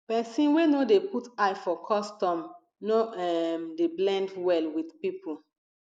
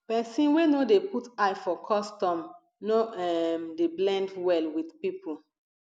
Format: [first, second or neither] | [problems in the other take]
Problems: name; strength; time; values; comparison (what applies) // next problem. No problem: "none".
second | noise reduction (neural mask model Resemble Enhance denoiser)